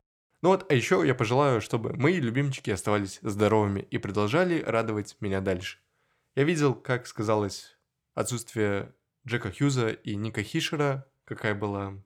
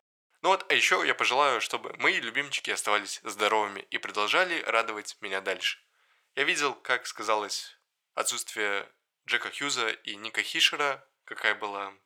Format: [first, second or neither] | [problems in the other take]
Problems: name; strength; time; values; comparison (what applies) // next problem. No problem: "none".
first | thin; very; fading below 800 Hz